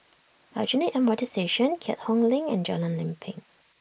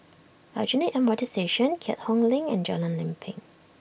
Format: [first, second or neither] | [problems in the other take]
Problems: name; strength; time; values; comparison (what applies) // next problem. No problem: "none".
second | noise reduction (neural mask model Resemble Enhance denoiser)